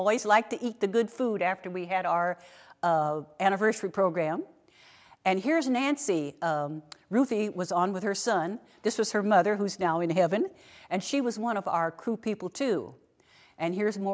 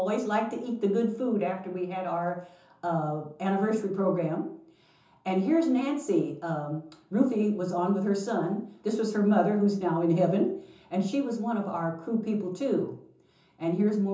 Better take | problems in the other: first | room echo; dies away in 0.6 s

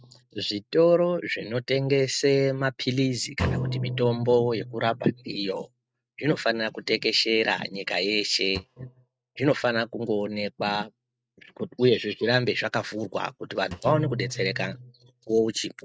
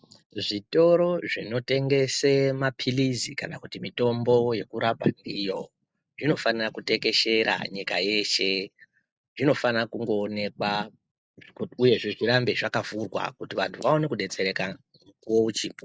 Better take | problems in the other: second | noise reduction (neural mask model RNNoise)

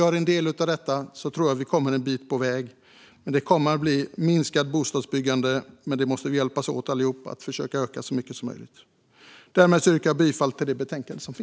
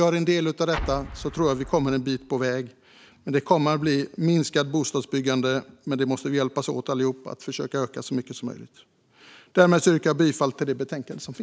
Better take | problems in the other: first | background sound (Explosion); 12 dB below the speech

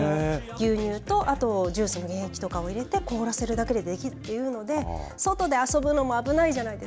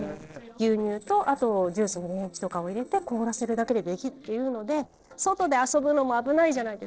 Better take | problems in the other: first | noise reduction (neural separator model SepFormer DNS4)

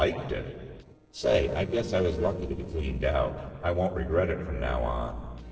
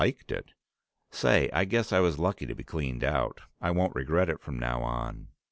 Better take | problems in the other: second | noise reduction (neural separator model SepFormer DNS4)

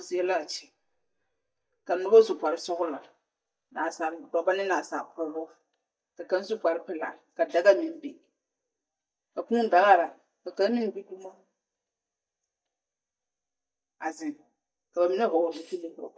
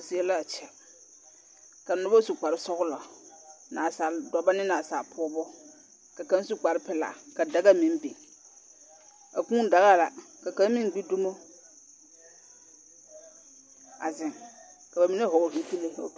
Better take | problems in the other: second | noise reduction (neural mask model DeepFilterNet 3)

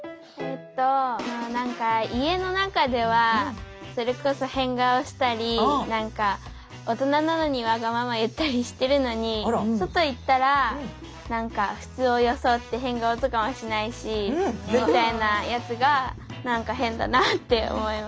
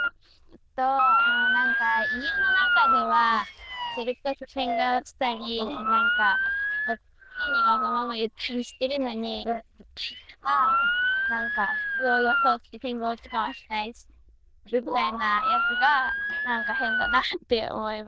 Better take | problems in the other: first | noise reduction (neural diffusion model UNIVERSE++)

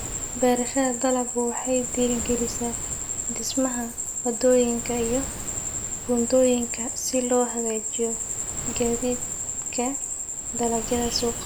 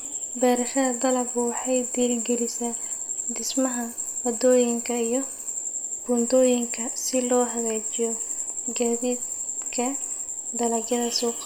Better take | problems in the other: second | background sound (Waves, surf); 14 dB below the speech

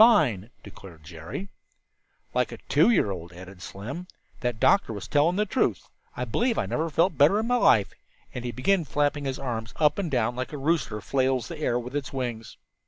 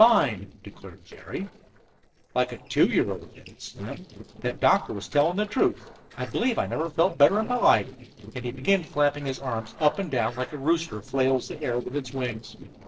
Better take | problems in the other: first | noise reduction (neural separator model SepFormer DNS4)

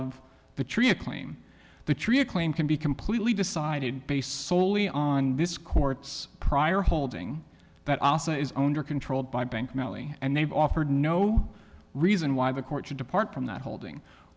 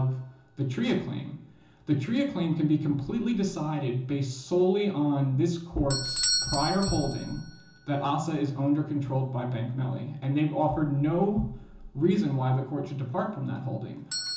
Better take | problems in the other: first | background sound (Bell / Doorbell); 11 dB below the speech // room echo; dies away in 0.6 s

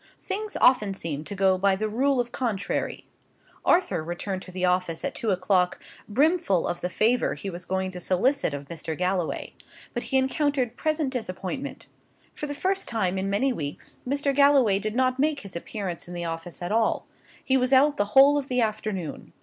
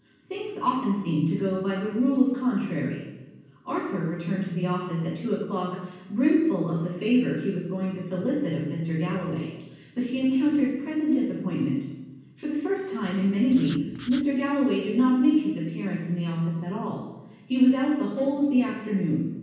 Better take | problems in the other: first | background sound (Writing); 18 dB below the speech // room echo; dies away in 1.2 s

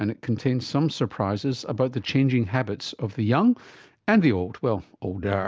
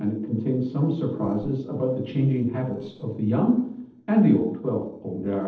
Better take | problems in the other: first | noise reduction (neural separator model SepFormer DNS4)

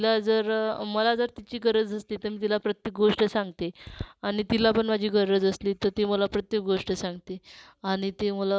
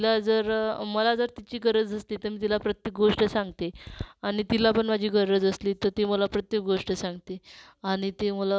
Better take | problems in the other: second | noise reduction (neural mask model Resemble Enhance denoiser)

